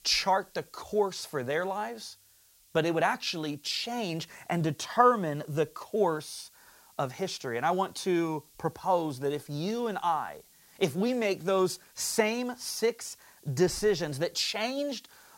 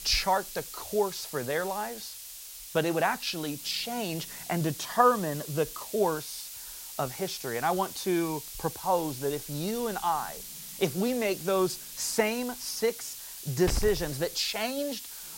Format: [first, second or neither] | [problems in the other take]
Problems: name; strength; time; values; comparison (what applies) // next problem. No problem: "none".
first | hiss; loud; throughout; 9 dB below the speech; faint in the first